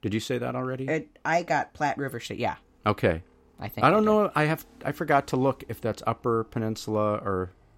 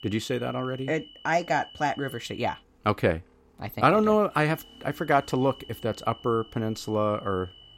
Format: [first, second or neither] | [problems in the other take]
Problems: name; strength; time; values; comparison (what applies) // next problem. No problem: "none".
first | high-pitched whine; faint; until 2.5 s and from 4.5 s on; 3 kHz, 20 dB below the speech